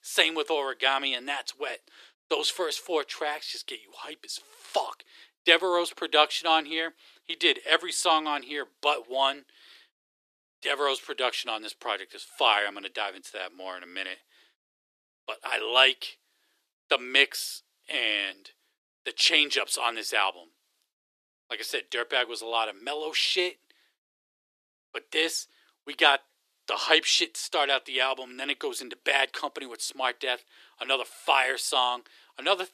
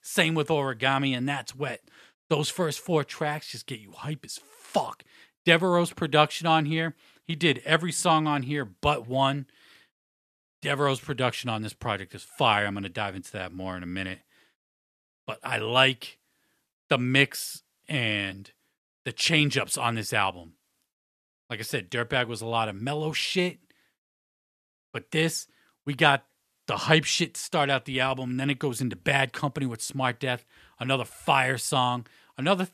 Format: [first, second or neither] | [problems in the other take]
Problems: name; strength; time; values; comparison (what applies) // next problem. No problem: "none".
second | thin; very; fading below 350 Hz